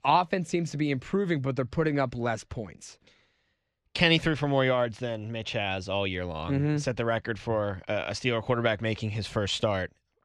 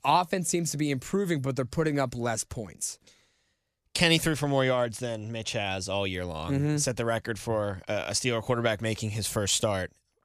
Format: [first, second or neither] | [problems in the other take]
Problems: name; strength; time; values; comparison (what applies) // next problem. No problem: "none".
second | muffled; slightly; fading above 3 kHz